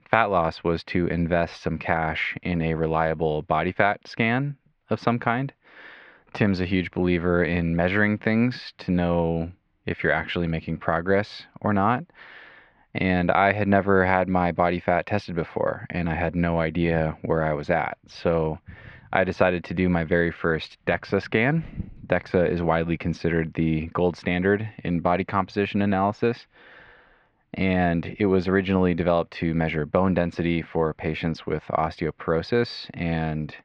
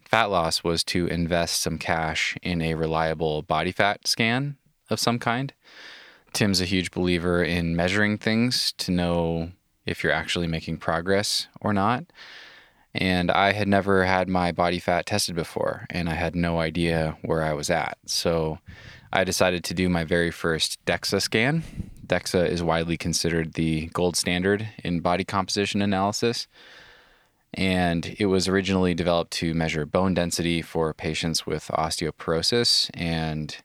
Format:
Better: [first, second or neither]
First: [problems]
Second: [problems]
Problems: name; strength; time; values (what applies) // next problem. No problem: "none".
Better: second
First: muffled; very; fading above 2.5 kHz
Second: none